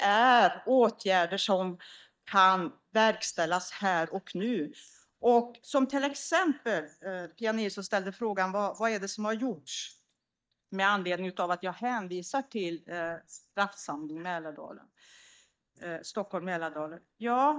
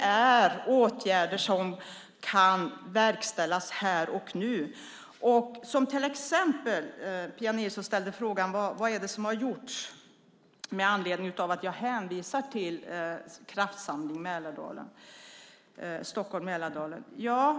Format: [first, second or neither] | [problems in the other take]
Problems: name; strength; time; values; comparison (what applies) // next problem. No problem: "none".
second | noise reduction (neural mask model DeepFilterNet 3)